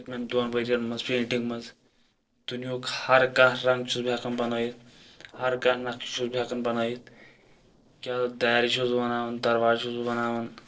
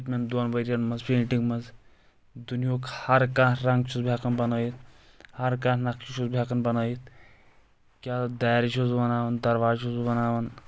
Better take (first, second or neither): second